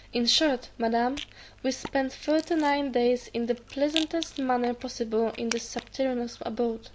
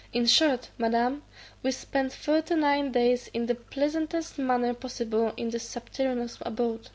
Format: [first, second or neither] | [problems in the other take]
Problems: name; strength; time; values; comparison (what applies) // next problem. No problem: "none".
second | background sound (Rattle); 15 dB below the speech